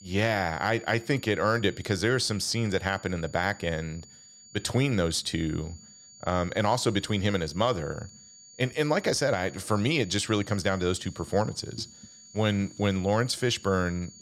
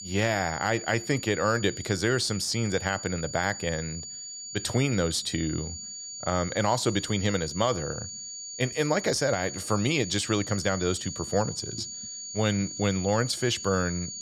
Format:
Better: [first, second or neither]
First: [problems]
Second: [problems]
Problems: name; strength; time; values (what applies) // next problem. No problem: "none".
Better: first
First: high-pitched whine; faint; throughout; 7 kHz, 20 dB below the speech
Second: high-pitched whine; loud; throughout; 7 kHz, 8 dB below the speech